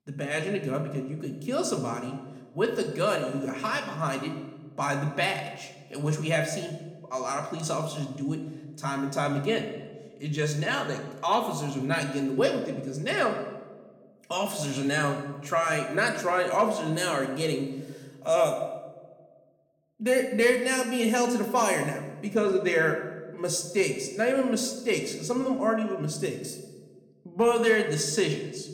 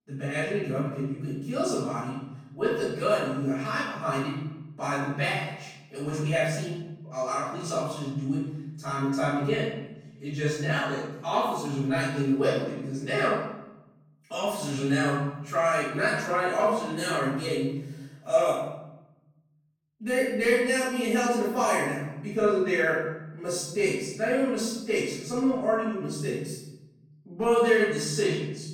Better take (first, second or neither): first